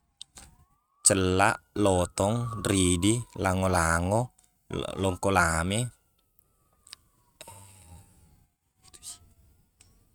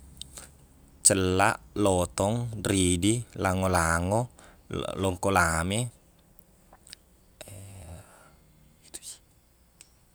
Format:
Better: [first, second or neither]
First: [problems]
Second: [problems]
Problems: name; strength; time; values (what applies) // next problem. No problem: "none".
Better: second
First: noise reduction (neural mask model RNNoise)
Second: none